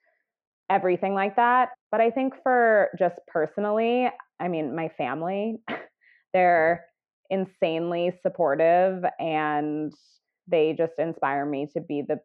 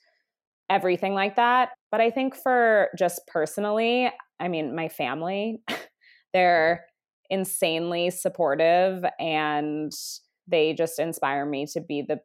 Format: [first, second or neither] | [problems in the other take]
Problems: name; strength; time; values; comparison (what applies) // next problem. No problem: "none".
second | muffled; very; fading above 2 kHz